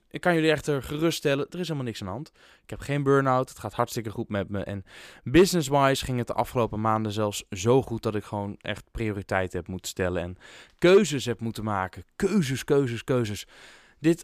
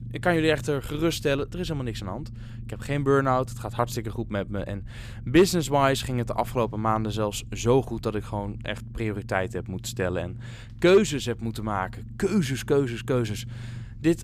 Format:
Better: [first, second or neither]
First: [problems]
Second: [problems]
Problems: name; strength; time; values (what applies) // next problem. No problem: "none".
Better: first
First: none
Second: low rumble; faint; throughout; 25 dB below the speech